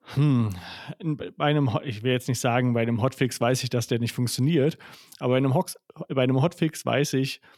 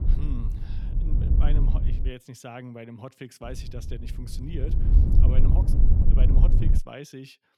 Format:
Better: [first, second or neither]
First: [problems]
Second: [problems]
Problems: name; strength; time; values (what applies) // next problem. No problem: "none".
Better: first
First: none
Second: wind noise on the microphone; heavy; until 2 s and from 3.5 to 7 s; 1 dB above the speech